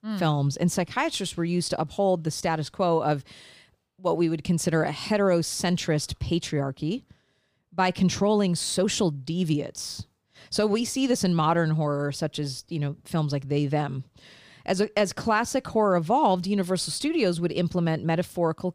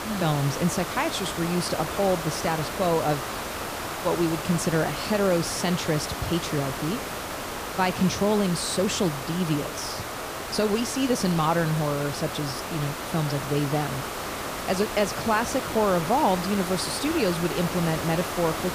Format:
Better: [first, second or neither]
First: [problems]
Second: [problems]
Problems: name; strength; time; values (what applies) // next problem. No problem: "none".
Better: first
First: none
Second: hiss; loud; throughout; 5 dB below the speech